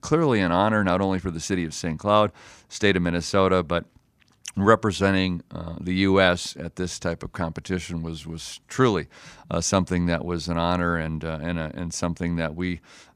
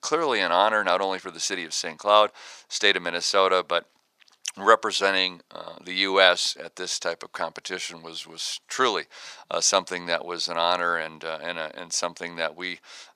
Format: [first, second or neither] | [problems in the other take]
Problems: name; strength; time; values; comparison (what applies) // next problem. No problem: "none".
first | thin; very; fading below 650 Hz